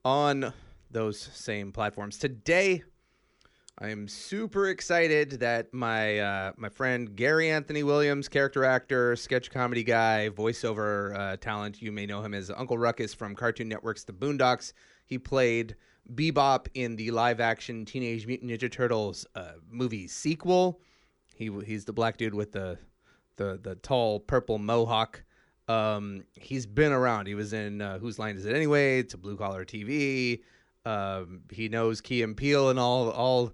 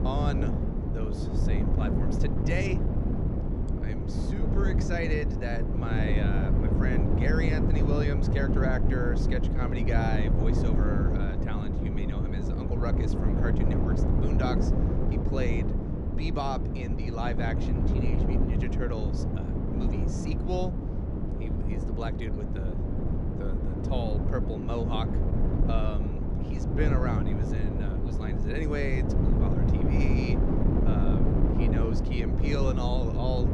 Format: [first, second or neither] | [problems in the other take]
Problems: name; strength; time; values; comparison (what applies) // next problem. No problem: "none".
first | wind noise on the microphone; heavy; as loud as the speech